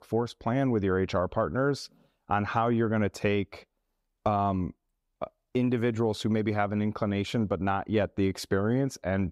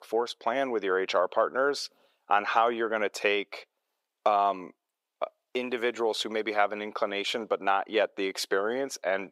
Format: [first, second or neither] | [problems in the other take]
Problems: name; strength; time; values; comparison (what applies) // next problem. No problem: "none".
first | thin; very; fading below 450 Hz